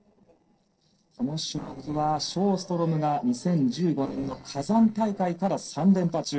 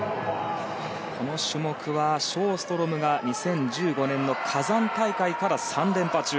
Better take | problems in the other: second | noise reduction (neural separator model SepFormer DNS4)

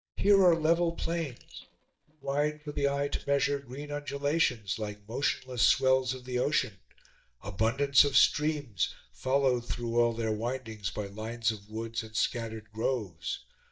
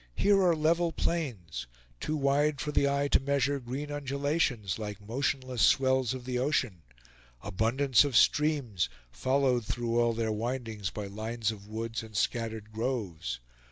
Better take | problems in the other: second | noise reduction (neural mask model DeepFilterNet 3)

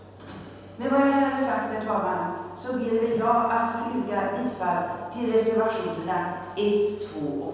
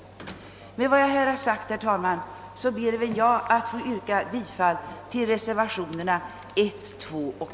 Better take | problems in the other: second | room echo; dies away in 1.2 s

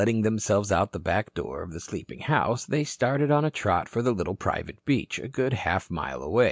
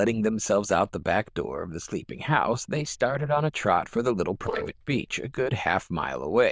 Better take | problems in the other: first | noise reduction (neural diffusion model UNIVERSE++)

